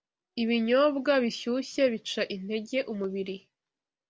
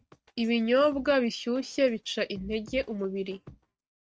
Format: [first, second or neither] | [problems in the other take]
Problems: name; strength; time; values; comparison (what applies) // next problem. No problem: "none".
first | noise reduction (neural mask model RNNoise)